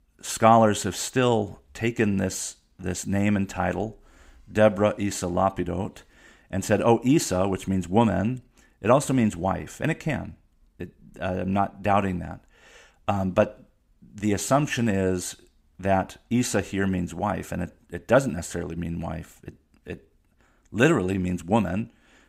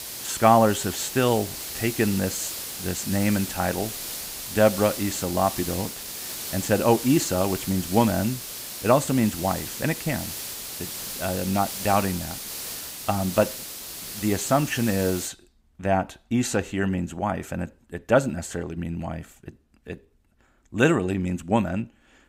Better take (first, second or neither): first